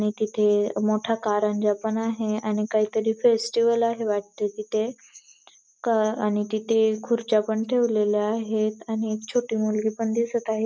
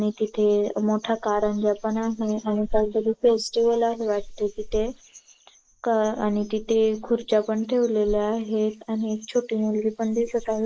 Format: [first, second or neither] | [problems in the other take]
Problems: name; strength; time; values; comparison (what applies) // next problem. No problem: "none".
first | noise reduction (neural mask model Resemble Enhance denoiser)